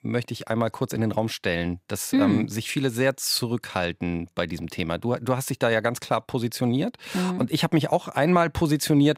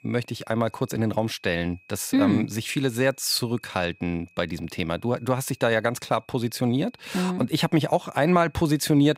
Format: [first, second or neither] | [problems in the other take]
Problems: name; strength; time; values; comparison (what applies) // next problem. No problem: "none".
first | high-pitched whine; faint; throughout; 2.5 kHz, 30 dB below the speech